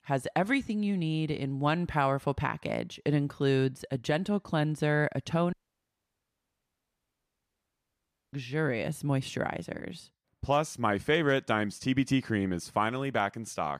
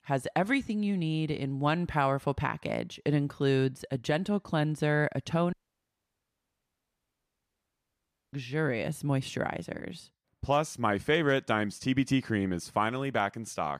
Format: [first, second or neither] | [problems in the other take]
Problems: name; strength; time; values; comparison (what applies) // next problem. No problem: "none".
neither | audio cutting out; at 5.5 s for 3 s; the same in both